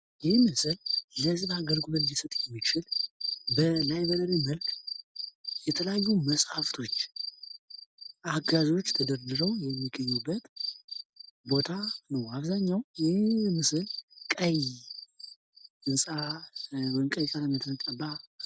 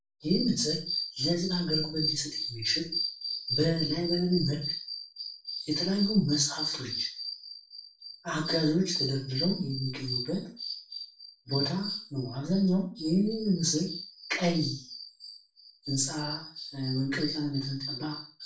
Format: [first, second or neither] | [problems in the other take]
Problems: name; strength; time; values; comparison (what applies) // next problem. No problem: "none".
first | room echo; dies away in 0.3 s